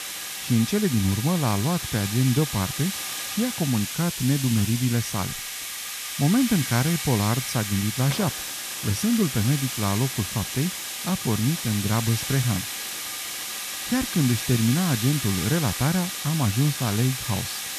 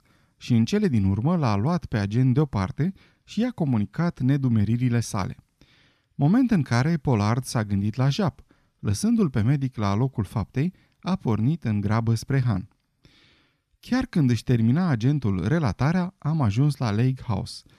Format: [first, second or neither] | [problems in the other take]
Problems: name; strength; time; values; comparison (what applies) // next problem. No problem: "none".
second | hiss; loud; throughout; 4 dB below the speech